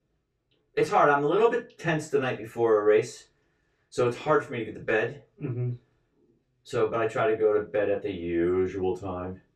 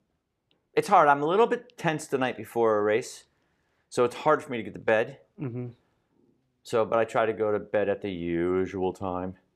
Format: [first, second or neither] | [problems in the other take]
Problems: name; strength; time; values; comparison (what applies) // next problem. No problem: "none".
second | room echo; very slight; dies away in 0.1 s // off-mic speech; far